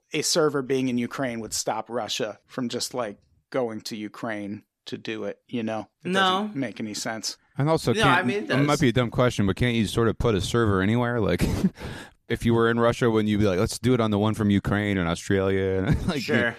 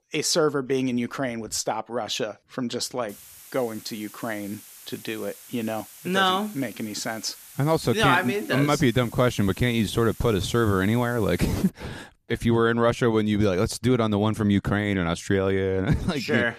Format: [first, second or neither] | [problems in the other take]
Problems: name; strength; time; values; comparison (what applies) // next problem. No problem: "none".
first | hiss; noticeable; from 3 to 12 s; 20 dB below the speech